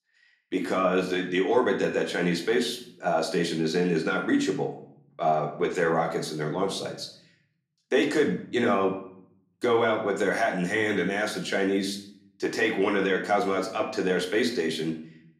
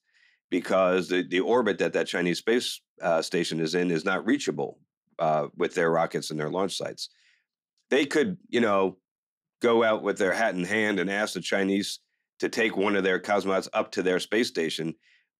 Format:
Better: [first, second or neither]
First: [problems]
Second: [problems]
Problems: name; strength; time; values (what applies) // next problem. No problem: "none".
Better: second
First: room echo; slight; dies away in 0.5 s // off-mic speech; somewhat distant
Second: none